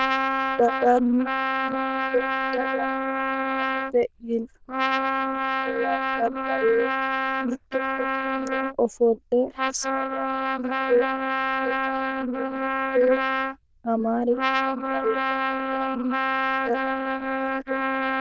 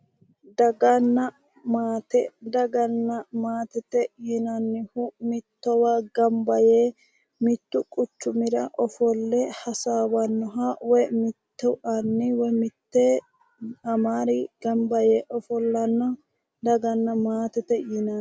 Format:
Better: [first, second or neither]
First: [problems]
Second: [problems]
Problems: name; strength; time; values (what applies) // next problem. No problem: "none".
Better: second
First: noise reduction (neural diffusion model UNIVERSE++)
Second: none